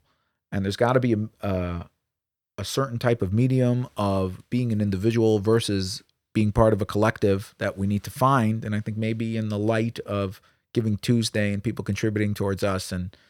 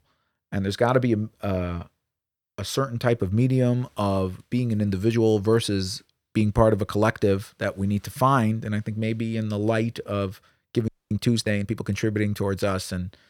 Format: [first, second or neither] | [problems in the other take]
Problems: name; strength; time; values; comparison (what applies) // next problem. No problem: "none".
first | audio freezing; at 11 s